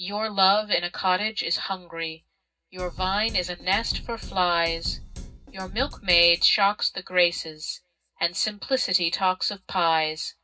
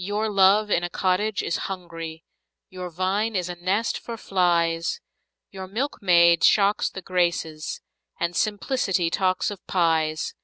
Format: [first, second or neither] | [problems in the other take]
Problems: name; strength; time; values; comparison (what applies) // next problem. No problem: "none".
second | background sound (Drum kit); 12 dB below the speech // room echo; dies away in 0.4 s